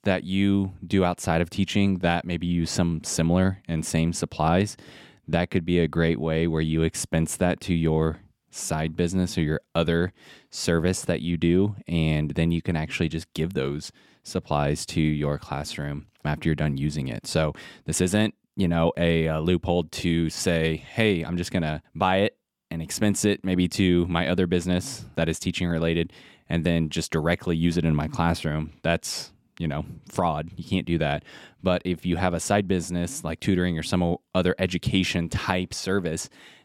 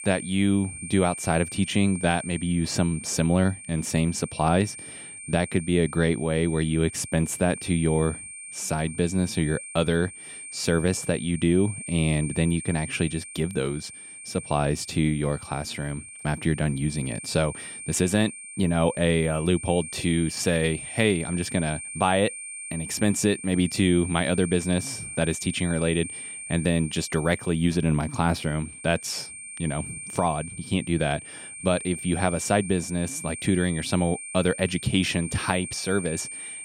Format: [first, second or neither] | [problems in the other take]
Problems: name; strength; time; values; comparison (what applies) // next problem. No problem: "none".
first | high-pitched whine; noticeable; throughout; 8.5 kHz, 10 dB below the speech